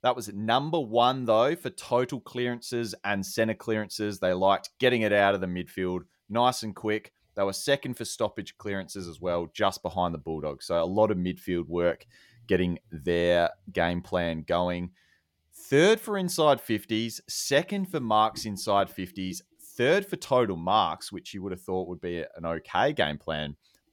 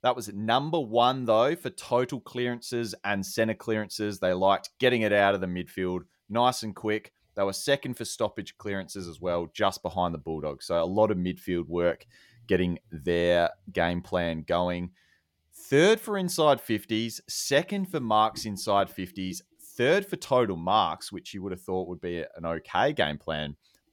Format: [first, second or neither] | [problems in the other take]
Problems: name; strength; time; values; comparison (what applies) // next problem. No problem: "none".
neither | none